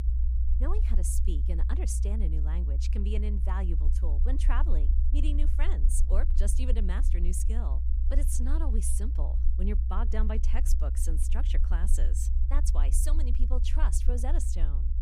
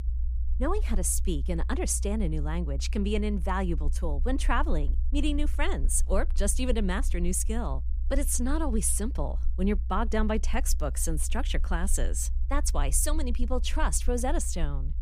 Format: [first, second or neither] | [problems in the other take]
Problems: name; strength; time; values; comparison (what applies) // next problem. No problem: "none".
second | low rumble; loud; throughout; 8 dB below the speech; faint in the second